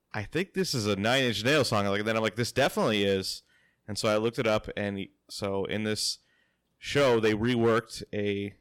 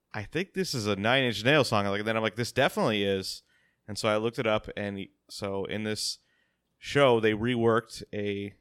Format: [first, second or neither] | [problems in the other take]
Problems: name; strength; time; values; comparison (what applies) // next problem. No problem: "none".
second | distortion; slight; 4% of the sound clipped